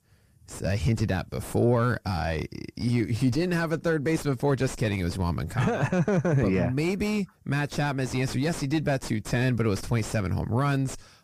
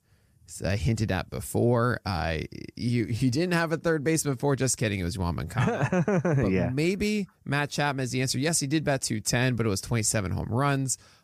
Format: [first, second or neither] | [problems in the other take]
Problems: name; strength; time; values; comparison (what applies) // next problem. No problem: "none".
second | distortion; slight; 7 dB below the speech